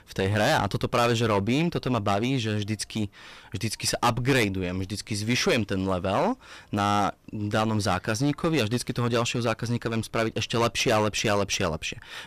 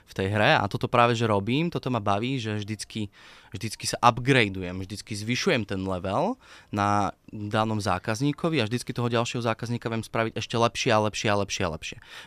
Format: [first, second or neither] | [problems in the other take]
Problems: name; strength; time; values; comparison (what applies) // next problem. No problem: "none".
second | distortion; heavy; 10% of the sound clipped